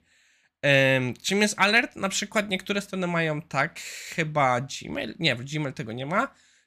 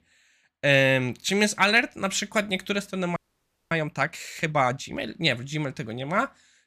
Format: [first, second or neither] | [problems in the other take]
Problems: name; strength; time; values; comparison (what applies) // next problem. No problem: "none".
first | audio freezing; at 3 s for 0.5 s